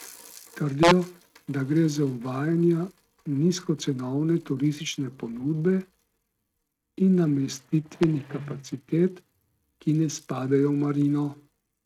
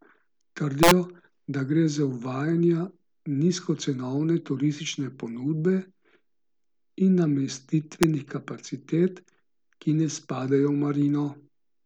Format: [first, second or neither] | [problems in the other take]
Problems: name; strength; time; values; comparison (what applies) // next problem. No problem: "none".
second | noise reduction (neural mask model RNNoise)